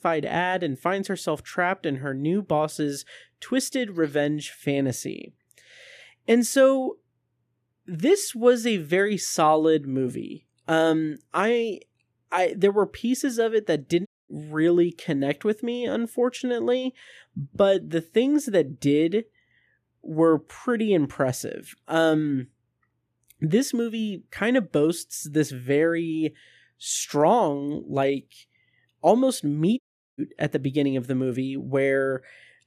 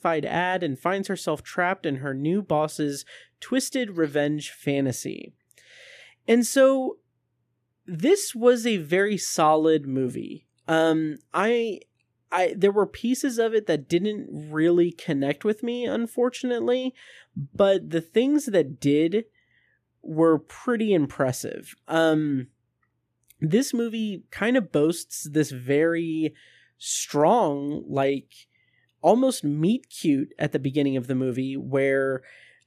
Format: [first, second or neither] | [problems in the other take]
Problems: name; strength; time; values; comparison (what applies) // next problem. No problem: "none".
second | audio cutting out; at 14 s and at 30 s